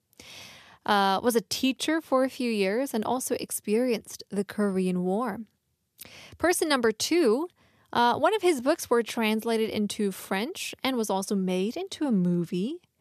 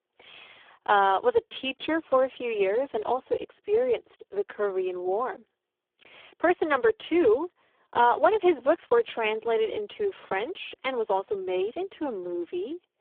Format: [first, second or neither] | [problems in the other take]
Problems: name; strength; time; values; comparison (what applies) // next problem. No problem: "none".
first | phone-call audio; poor line